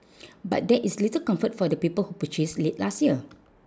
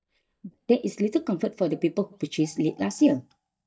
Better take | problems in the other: first | noise reduction (neural mask model DeepFilterNet 3)

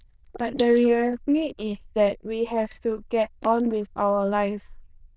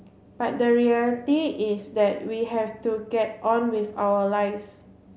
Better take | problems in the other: second | noise reduction (neural diffusion model UNIVERSE++)

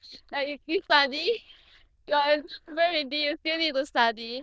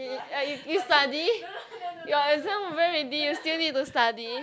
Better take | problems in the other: second | noise reduction (neural diffusion model UNIVERSE++)

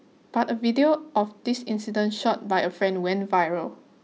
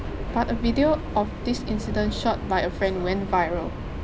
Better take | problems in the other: first | background sound (Subway, metro, underground); 5 dB below the speech

